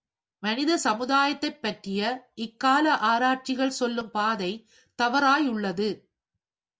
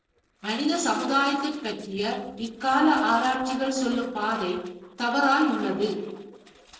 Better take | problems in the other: first | noise reduction (neural separator model SepFormer DNS4)

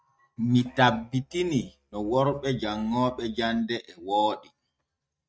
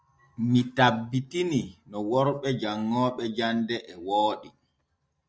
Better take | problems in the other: second | noise reduction (neural mask model RNNoise)

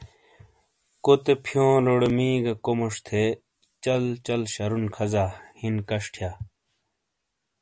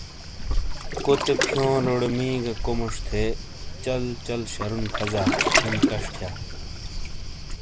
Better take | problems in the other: first | background sound (Waves, surf); 1 dB above the speech

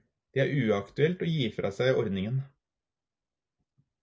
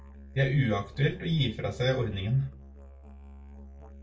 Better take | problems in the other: first | background sound (Musical instrument); 17 dB below the speech // room echo; dies away in 0.2 s

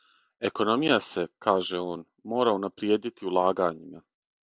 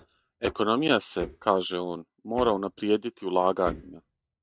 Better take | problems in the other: first | noise reduction (neural mask model RNNoise)

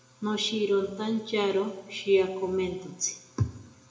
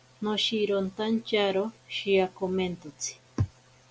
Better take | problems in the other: second | room echo; dies away in 0.6 s

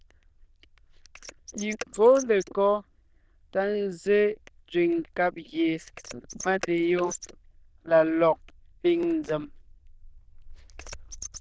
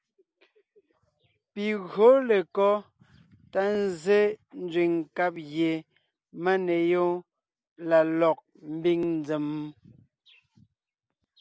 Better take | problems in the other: second | noise reduction (neural diffusion model UNIVERSE++)

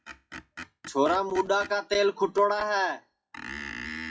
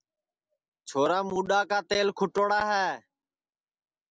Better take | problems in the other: second | noise reduction (classical method WPE with log-MMSE)

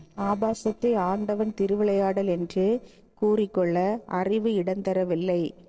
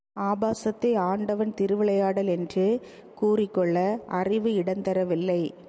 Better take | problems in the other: second | noise reduction (neural separator model SepFormer DNS4)

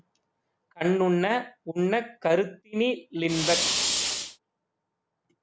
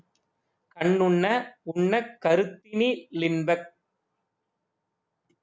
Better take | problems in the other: second | background sound (Fire); 1 dB above the speech

